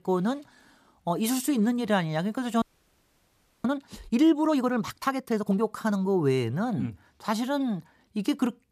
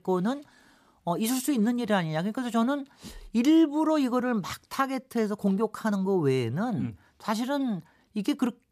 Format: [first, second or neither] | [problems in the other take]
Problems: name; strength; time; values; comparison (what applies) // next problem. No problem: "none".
second | audio freezing; at 2.5 s for 1 s